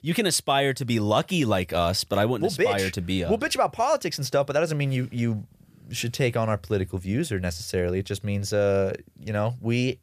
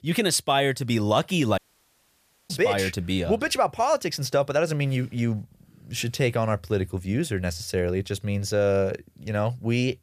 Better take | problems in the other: first | audio cutting out; at 1.5 s for 1 s

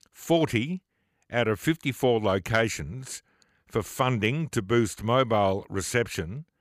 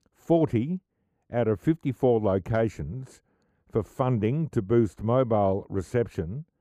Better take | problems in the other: first | muffled; very; fading above 1.5 kHz

